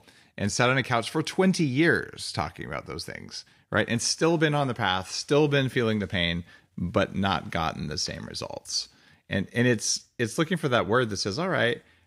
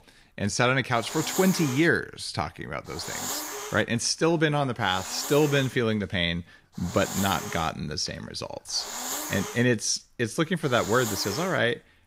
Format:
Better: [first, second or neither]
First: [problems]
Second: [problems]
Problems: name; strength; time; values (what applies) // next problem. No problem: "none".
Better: first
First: none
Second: hiss; loud; throughout; 8 dB below the speech